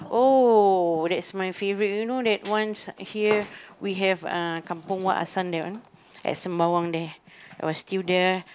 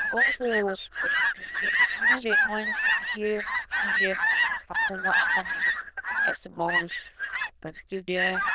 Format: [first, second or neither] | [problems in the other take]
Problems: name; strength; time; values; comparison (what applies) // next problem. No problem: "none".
first | noise reduction (neural diffusion model UNIVERSE++)